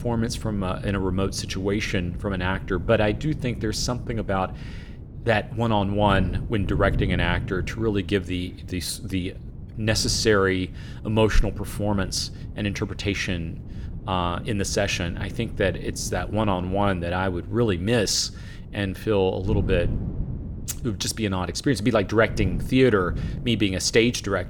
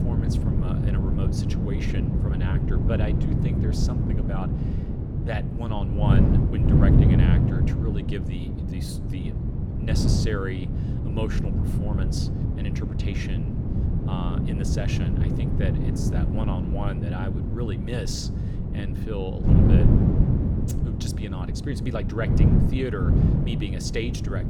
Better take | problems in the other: first | wind noise on the microphone; heavy; 2 dB above the speech; occasional gusts in the first

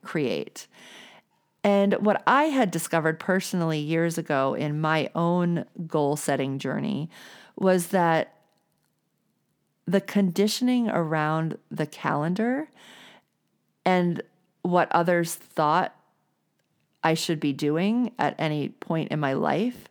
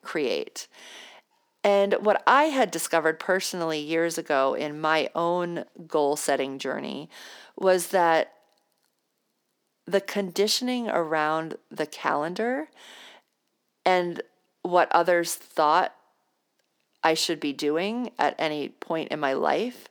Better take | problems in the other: first | thin; somewhat; fading below 400 Hz

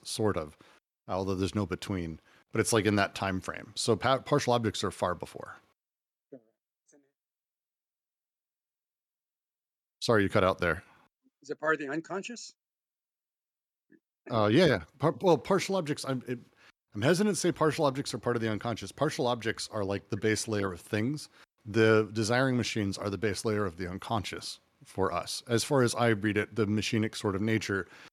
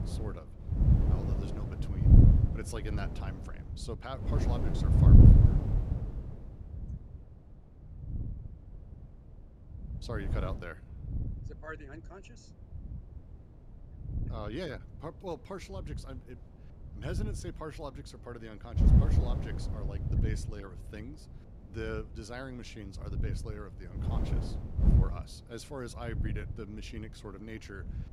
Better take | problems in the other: first | wind noise on the microphone; heavy; 4 dB above the speech

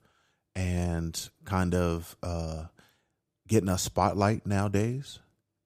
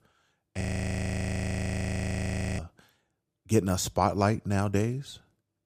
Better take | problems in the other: first | audio freezing; at 0.5 s for 2 s

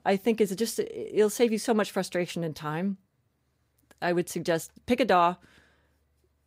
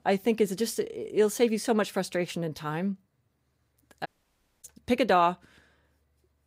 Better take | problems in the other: first | audio cutting out; at 4 s for 0.5 s

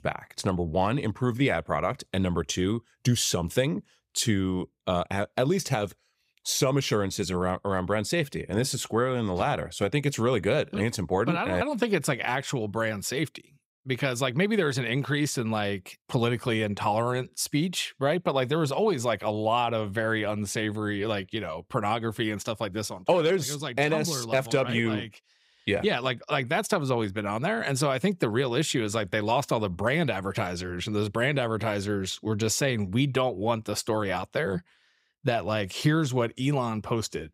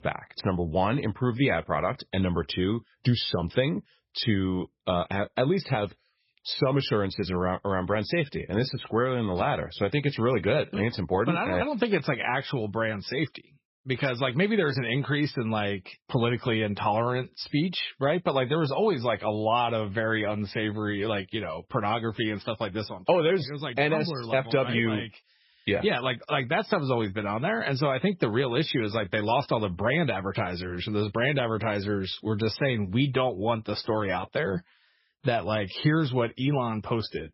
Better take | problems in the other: first | garbled, watery; badly; nothing above 5.5 kHz

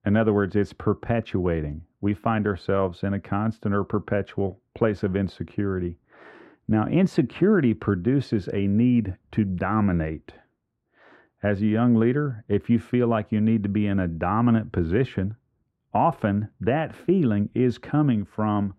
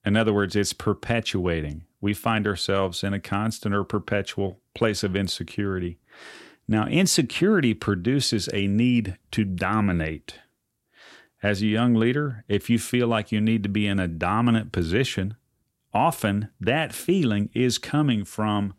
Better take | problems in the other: second | muffled; very; fading above 3 kHz

